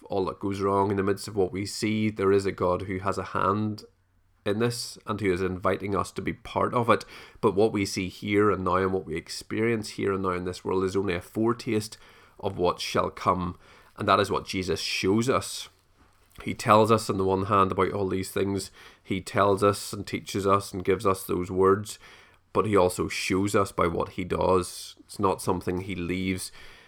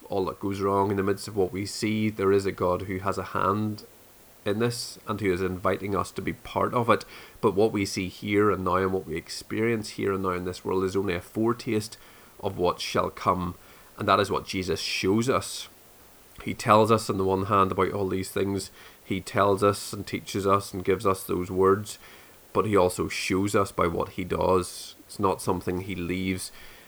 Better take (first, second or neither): first